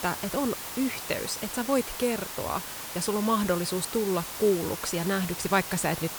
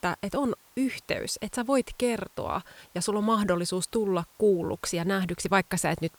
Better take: second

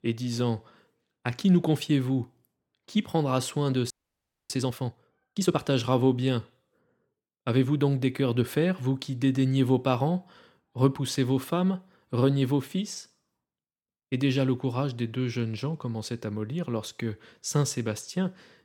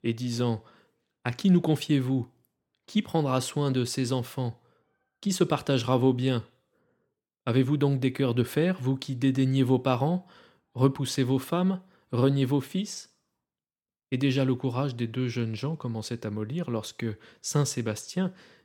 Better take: second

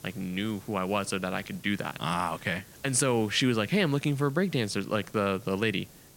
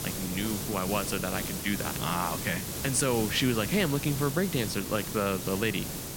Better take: first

